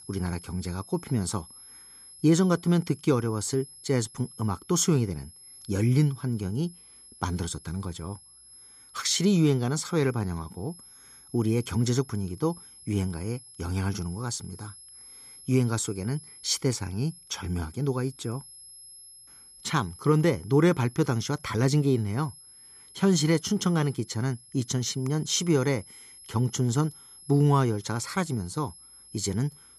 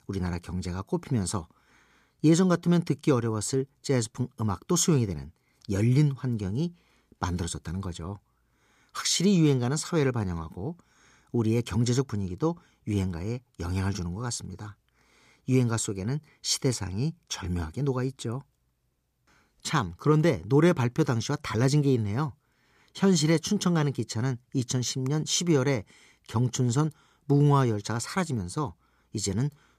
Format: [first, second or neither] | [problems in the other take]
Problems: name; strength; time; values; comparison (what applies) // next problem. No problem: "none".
second | high-pitched whine; noticeable; throughout; 11 kHz, 20 dB below the speech